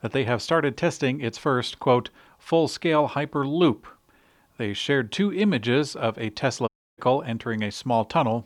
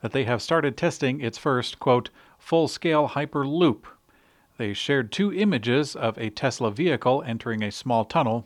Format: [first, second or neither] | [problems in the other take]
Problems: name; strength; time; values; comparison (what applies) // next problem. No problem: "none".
second | audio cutting out; at 6.5 s